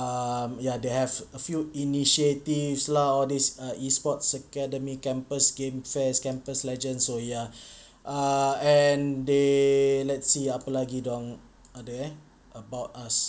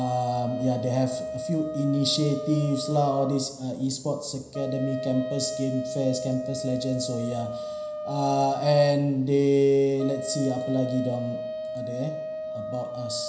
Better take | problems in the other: first | background sound (Wind instrument, woodwind instrument); 8 dB below the speech // room echo; dies away in 0.9 s

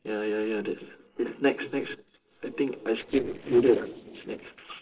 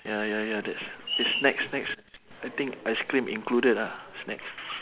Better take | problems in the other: second | noise reduction (neural separator model SepFormer DNS4)

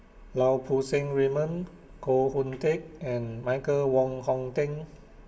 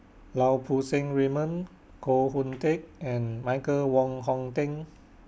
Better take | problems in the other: second | room echo; dies away in 1.9 s

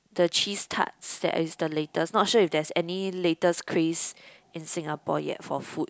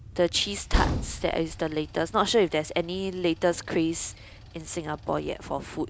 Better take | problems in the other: first | background sound (Train); 7 dB below the speech

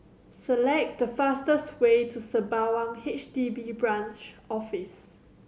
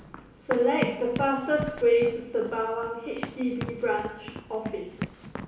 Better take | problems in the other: first | background sound (Run); 10 dB below the speech // room echo; dies away in 0.7 s

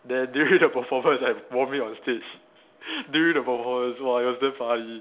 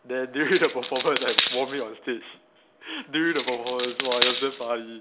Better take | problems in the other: first | background sound (Coin (dropping)); 2 dB below the speech

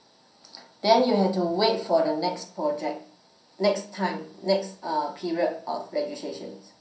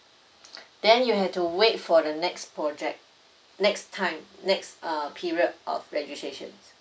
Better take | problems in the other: second | room echo; dies away in 0.6 s

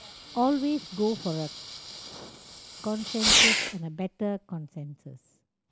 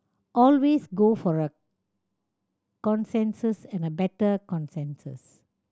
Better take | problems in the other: second | background sound (Fireworks); 1 dB above the speech

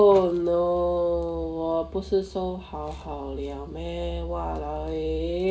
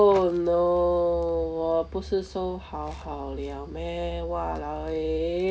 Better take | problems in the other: second | room echo; dies away in 0.4 s

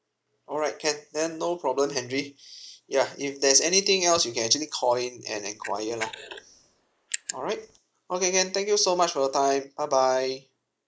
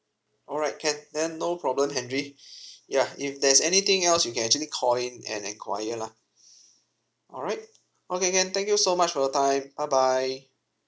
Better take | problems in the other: second | noise reduction (neural mask model Resemble Enhance denoiser)

